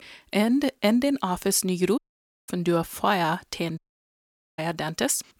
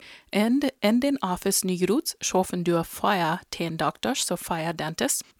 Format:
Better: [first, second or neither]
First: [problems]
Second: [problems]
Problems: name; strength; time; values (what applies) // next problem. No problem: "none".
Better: second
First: audio cutting out; at 2 s for 0.5 s and at 4 s for 1 s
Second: none